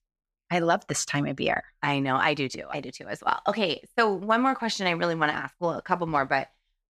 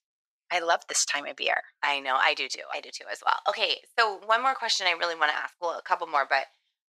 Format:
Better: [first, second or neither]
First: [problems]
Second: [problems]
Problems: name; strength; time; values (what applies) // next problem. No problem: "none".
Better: first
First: none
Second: thin; very; fading below 550 Hz